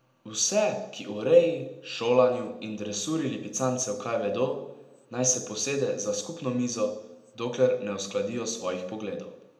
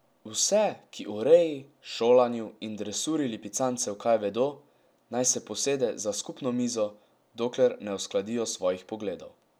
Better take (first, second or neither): second